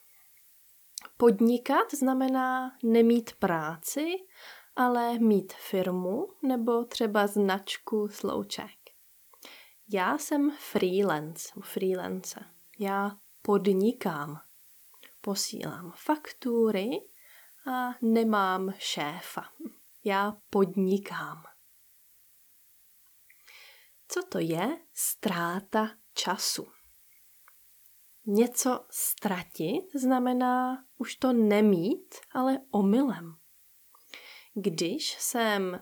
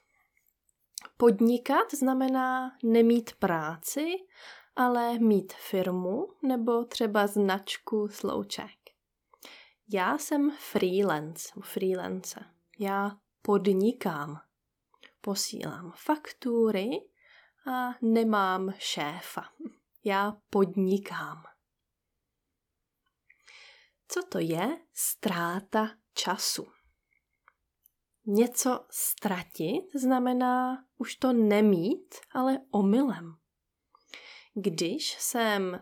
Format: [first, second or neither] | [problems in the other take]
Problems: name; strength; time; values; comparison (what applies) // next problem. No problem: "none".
second | hiss; faint; throughout; 25 dB below the speech